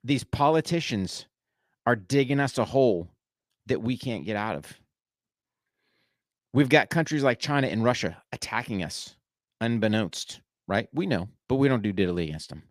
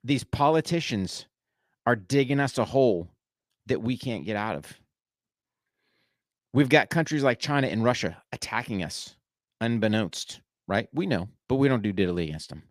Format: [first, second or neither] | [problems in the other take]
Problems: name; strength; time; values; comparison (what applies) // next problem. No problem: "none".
neither | none